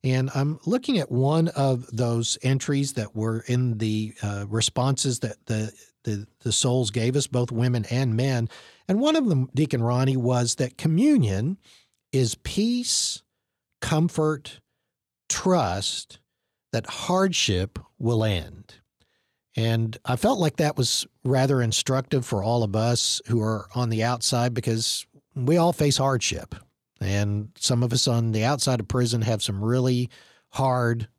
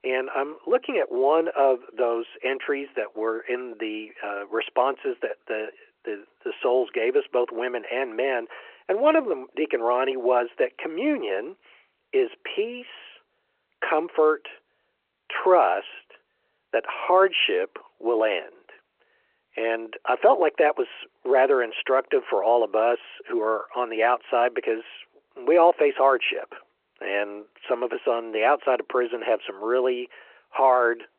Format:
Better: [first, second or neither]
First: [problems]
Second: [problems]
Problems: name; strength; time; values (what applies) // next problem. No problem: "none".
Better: first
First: none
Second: phone-call audio; nothing above 3 kHz